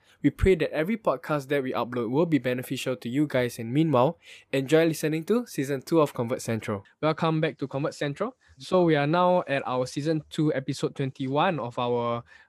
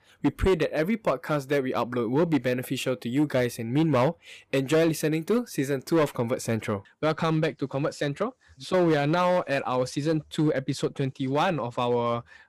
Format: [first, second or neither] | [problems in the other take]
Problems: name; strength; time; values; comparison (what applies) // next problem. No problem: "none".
first | distortion; slight; 5% of the sound clipped